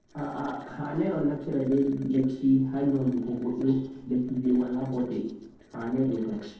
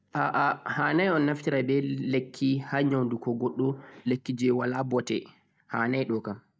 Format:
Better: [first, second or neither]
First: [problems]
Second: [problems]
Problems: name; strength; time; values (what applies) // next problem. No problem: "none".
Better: second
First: noise reduction (neural separator model SepFormer DNS4)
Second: none